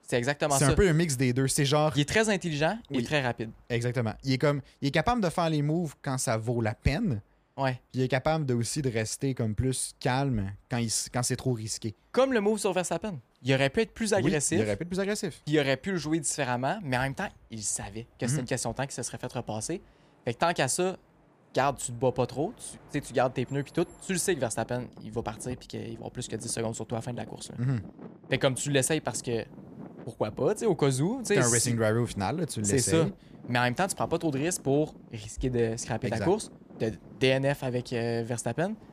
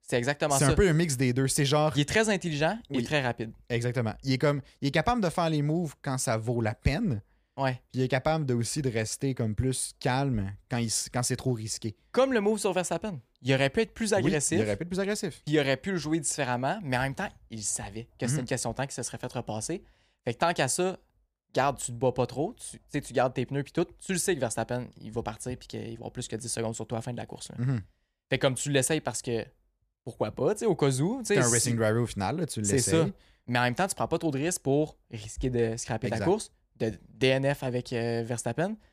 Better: second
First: traffic noise; faint; throughout; 20 dB below the speech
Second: none

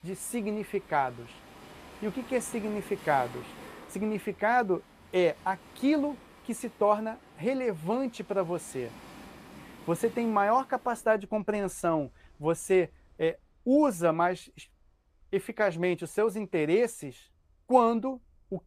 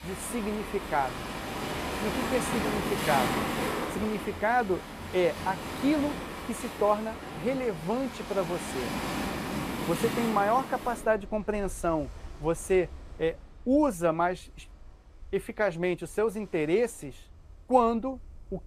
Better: first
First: rain or running water; faint; throughout; 20 dB below the speech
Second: rain or running water; loud; throughout; 5 dB below the speech

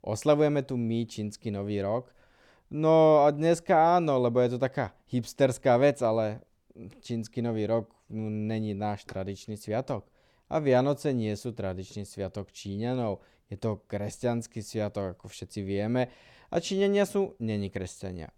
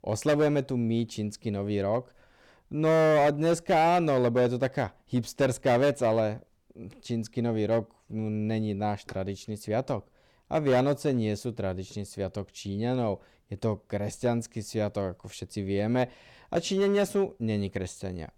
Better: first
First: none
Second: distortion; slight; 5% of the sound clipped

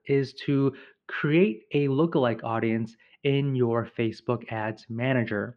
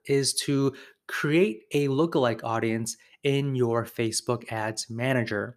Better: second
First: muffled; very; fading above 3 kHz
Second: none

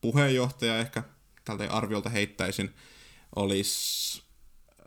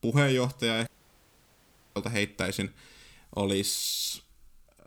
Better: first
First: none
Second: audio cutting out; at 1 s for 1 s

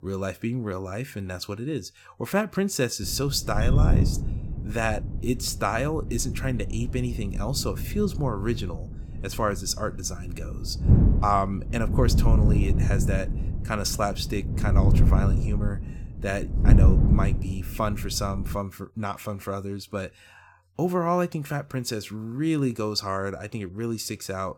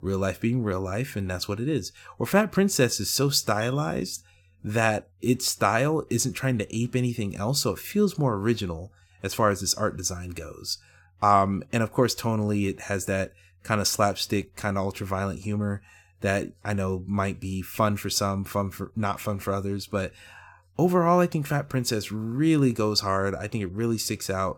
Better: second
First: wind noise on the microphone; heavy; from 3 to 19 s; 8 dB below the speech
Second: none

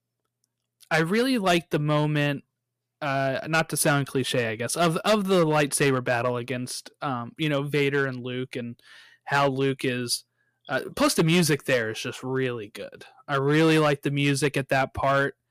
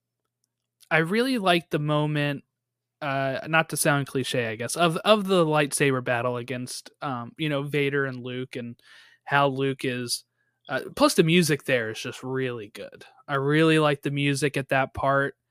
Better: second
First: distortion; slight; 4% of the sound clipped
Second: none

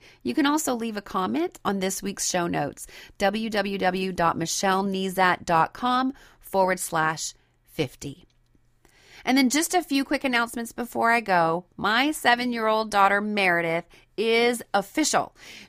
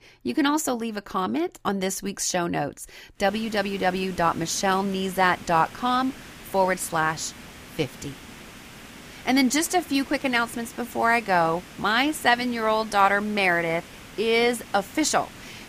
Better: first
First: none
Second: hiss; noticeable; from 3.5 s on; 20 dB below the speech

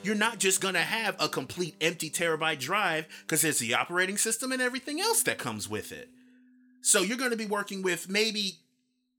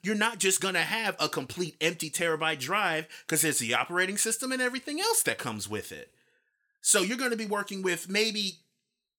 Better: second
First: background music; faint; throughout; 30 dB below the speech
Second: none

